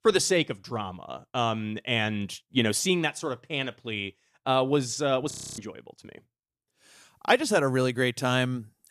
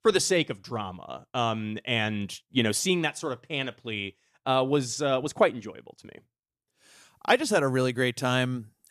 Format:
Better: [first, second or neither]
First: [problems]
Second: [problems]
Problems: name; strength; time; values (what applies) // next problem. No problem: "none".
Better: second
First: audio freezing; at 5.5 s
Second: none